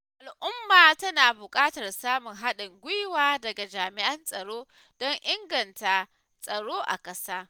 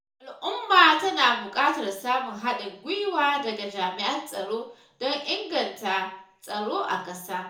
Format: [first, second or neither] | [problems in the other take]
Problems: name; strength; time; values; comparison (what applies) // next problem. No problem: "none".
first | room echo; dies away in 0.6 s